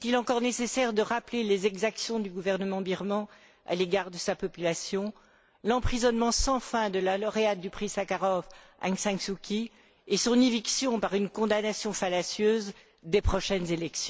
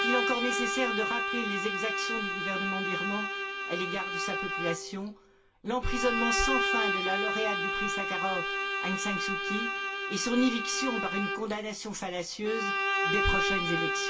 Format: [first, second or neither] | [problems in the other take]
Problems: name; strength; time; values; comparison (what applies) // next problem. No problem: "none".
first | background sound (Bowed string instrument); 2 dB above the speech // room echo; dies away in 0.2 s